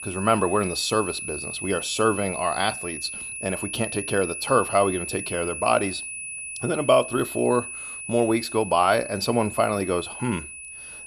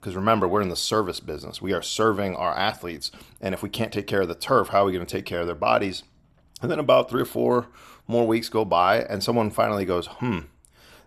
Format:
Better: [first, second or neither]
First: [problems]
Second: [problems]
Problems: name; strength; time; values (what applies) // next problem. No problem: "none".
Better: second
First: high-pitched whine; loud; throughout; 2.5 kHz, 8 dB below the speech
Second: none